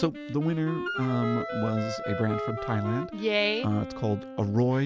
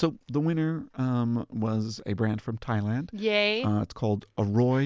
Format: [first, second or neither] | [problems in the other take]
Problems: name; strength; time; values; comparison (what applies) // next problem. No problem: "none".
second | background sound (Wind instrument, woodwind instrument + Wind instrument, woodwind instrument); 7 dB below the speech